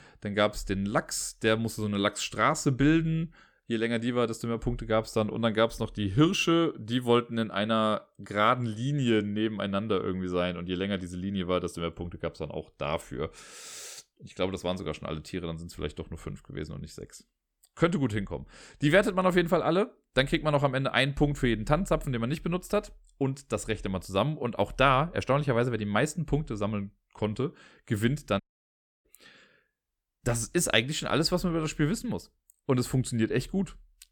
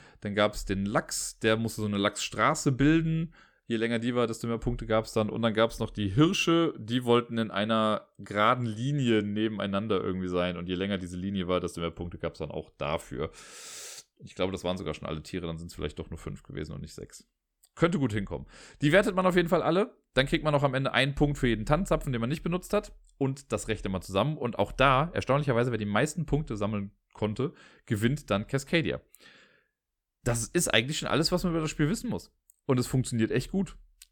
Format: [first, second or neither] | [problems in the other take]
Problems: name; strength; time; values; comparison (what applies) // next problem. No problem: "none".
second | audio cutting out; at 28 s for 0.5 s